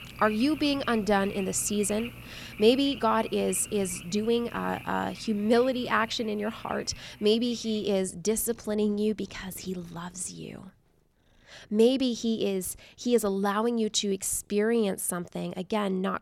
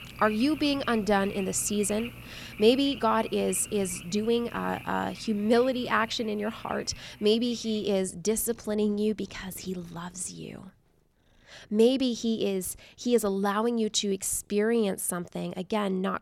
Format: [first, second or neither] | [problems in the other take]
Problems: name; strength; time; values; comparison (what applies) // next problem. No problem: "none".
neither | animal sounds; noticeable; throughout; 15 dB below the speech; the same in both